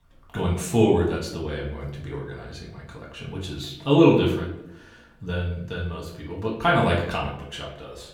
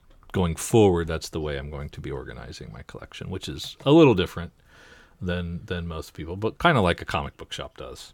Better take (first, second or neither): second